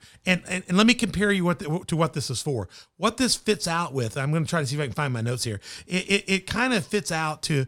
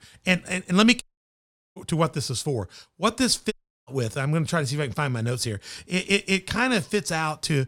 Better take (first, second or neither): first